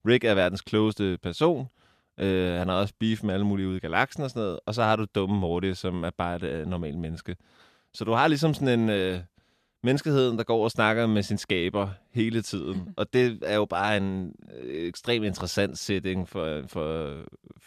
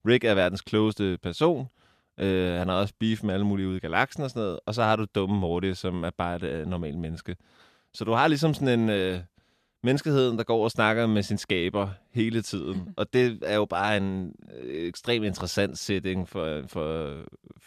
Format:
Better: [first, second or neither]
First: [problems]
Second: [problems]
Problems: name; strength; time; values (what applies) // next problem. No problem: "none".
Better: neither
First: none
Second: none